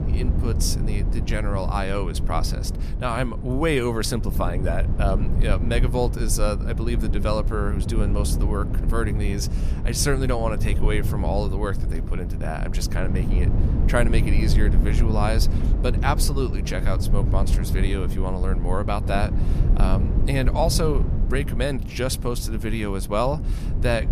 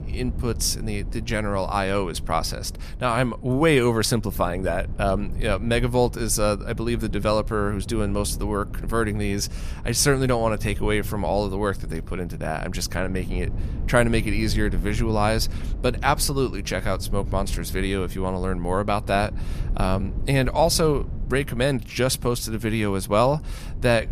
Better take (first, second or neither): second